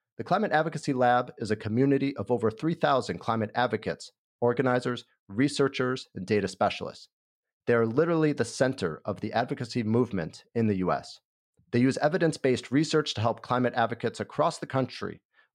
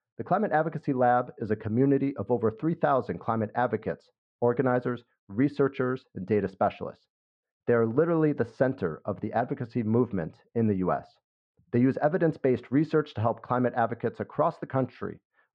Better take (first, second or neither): first